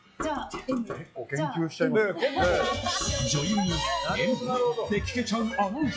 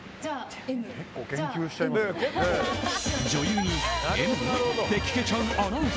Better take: second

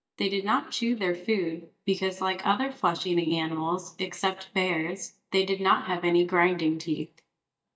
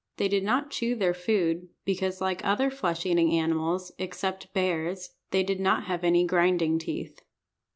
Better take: second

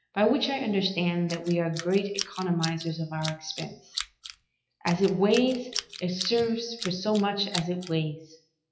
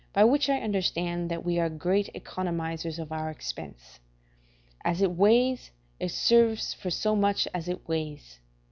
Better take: second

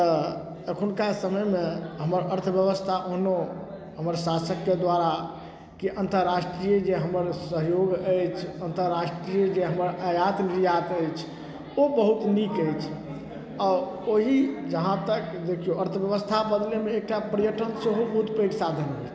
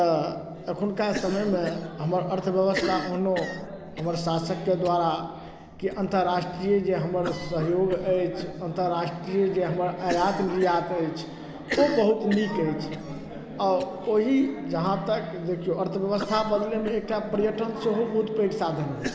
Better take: first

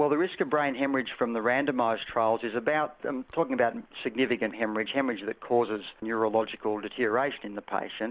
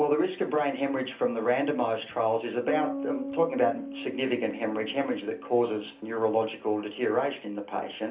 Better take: first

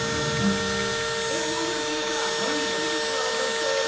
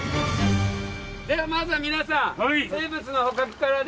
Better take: second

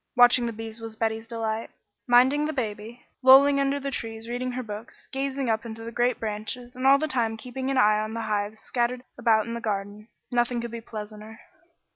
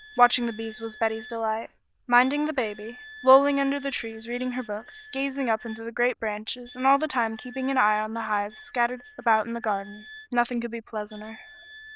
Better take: first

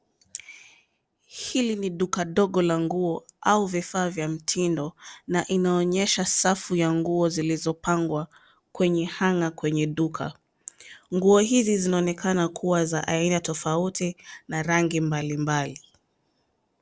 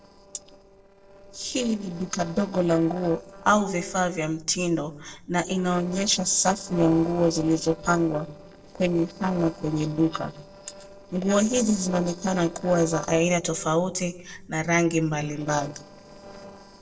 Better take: first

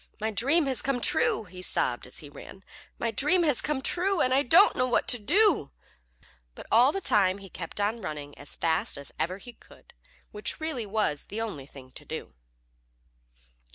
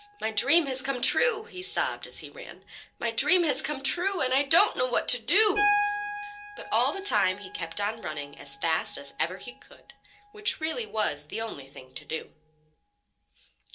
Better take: first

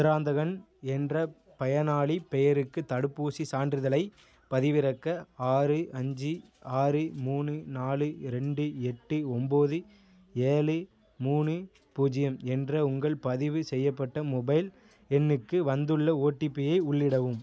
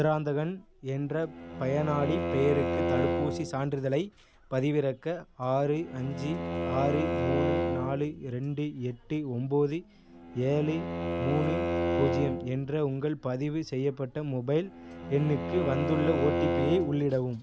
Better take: first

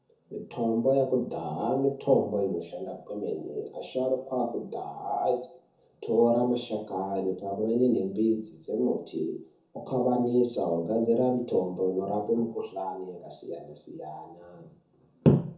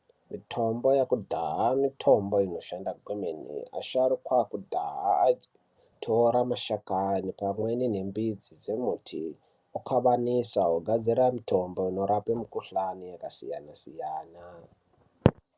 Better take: second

